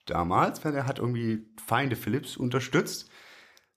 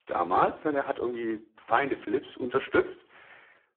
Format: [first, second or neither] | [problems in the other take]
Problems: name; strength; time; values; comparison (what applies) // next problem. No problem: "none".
first | phone-call audio; poor line